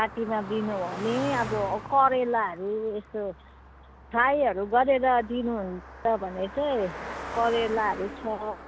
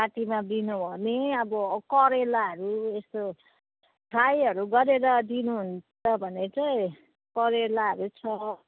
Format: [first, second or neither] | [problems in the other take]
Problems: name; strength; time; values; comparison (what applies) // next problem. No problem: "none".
second | background sound (Car passing by); 13 dB below the speech